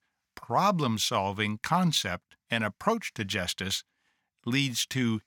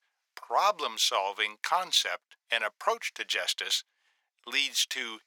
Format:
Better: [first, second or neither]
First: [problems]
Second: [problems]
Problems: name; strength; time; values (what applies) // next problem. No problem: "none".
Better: first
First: none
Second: thin; very; fading below 450 Hz